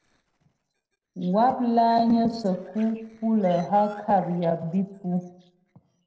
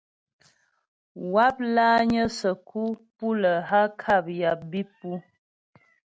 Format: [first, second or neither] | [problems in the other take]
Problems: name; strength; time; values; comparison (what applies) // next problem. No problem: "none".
second | noise reduction (neural separator model SepFormer DNS4)